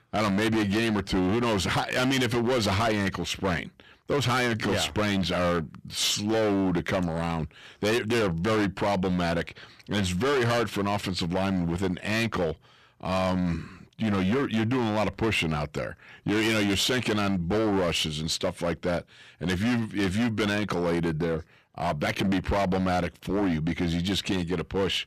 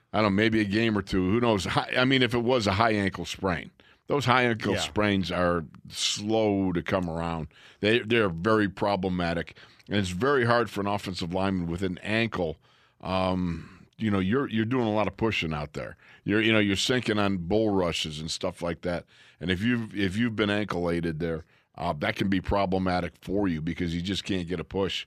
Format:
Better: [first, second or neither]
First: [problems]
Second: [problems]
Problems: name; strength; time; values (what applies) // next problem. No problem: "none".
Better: second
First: distortion; heavy; 19% of the sound clipped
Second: none